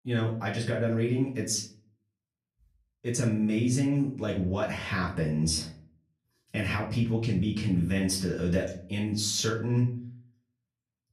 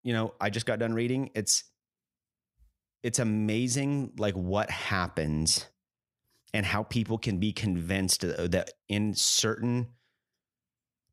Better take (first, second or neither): second